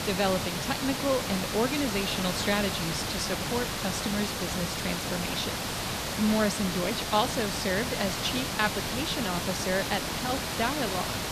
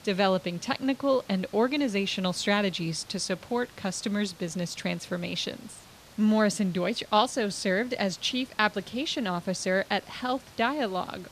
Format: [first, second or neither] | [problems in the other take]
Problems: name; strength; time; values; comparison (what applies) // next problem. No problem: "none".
second | hiss; loud; throughout; 1 dB below the speech; faint in the second